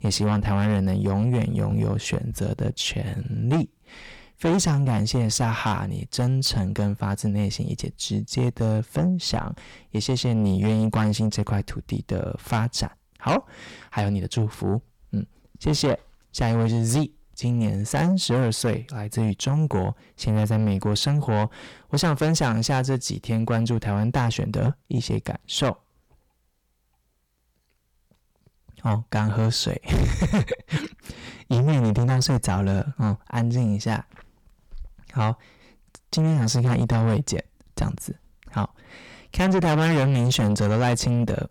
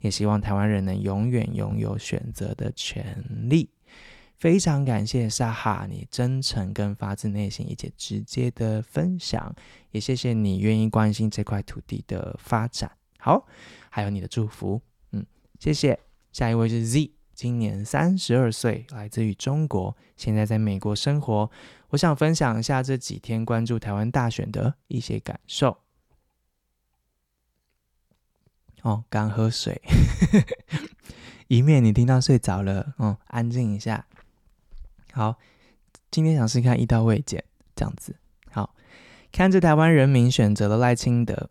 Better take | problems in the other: second | distortion; heavy; 7 dB below the speech

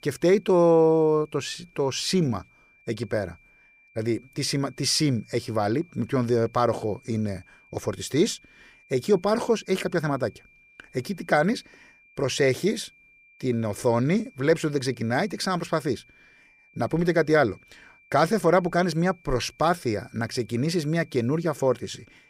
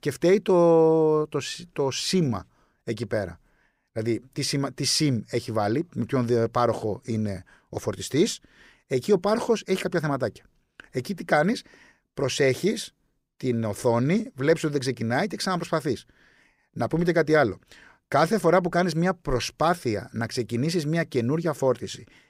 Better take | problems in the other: second | high-pitched whine; faint; throughout; 2.5 kHz, 30 dB below the speech

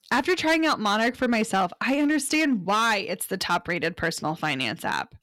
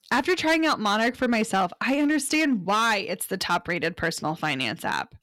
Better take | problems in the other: neither | distortion; slight; 7% of the sound clipped; the same in both

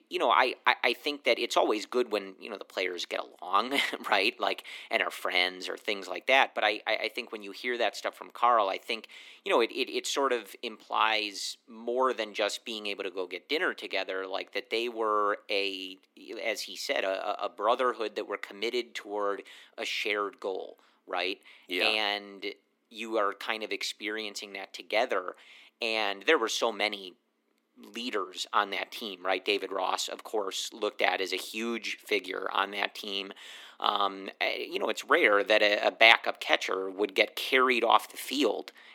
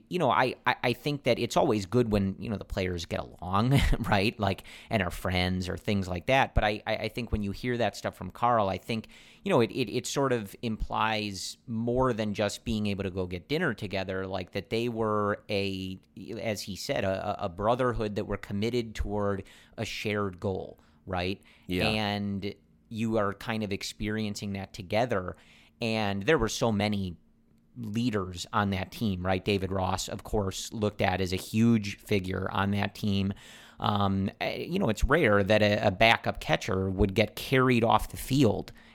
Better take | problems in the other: second | thin; somewhat; fading below 300 Hz

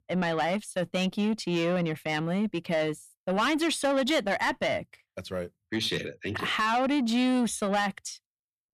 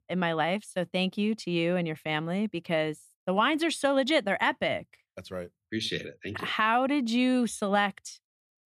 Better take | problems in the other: second | distortion; slight; 10 dB below the speech

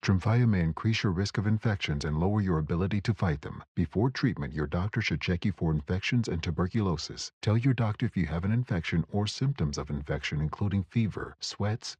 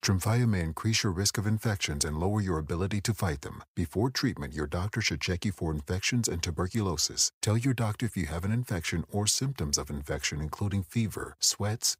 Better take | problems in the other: second | muffled; slightly; fading above 4 kHz

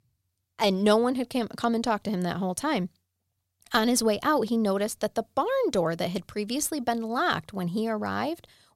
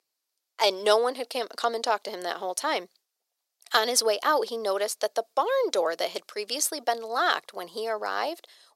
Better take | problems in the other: first | thin; very; fading below 400 Hz

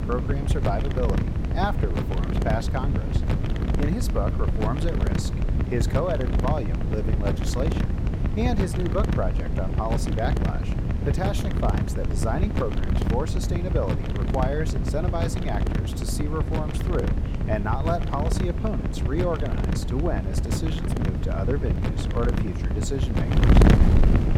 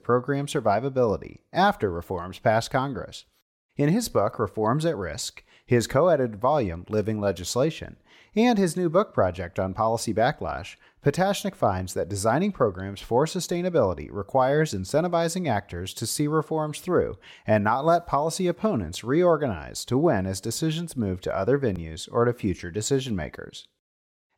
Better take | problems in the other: second | wind noise on the microphone; heavy; 2 dB below the speech

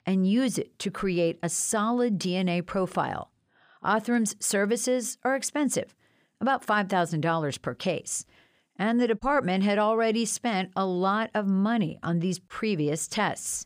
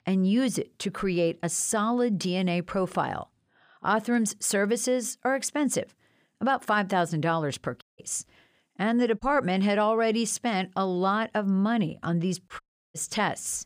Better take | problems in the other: first | audio cutting out; at 8 s and at 13 s

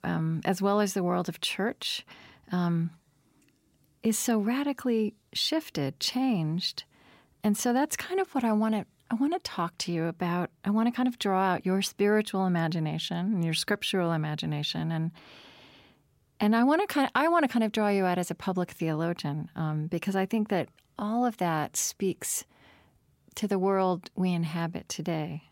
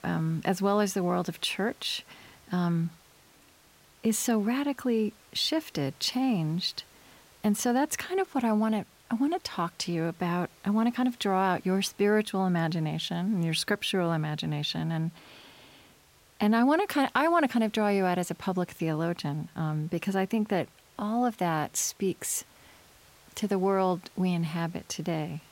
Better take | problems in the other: first | hiss; faint; throughout; 30 dB below the speech

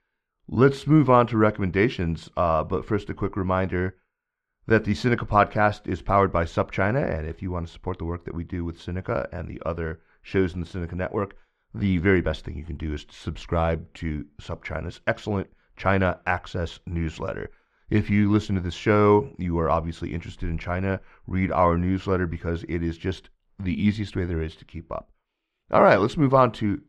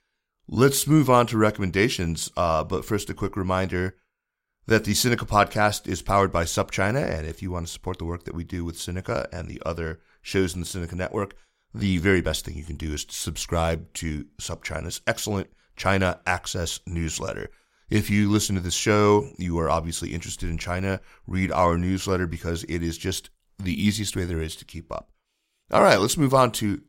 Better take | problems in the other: second | muffled; very; fading above 2 kHz

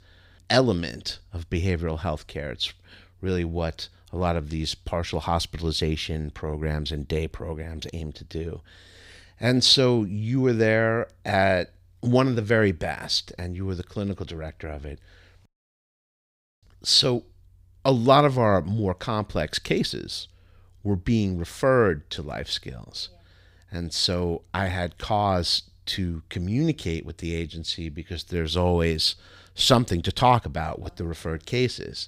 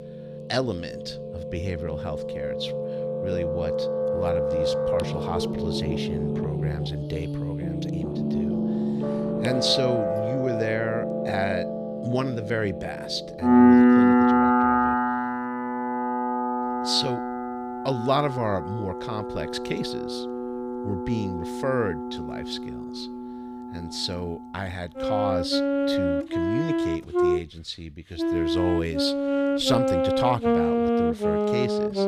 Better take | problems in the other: first | background music; very loud; throughout; 5 dB above the speech

